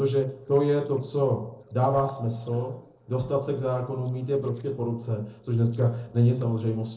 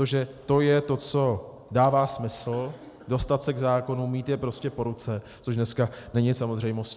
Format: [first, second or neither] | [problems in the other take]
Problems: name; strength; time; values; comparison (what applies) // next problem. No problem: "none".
second | noise reduction (neural separator model SepFormer DNS4)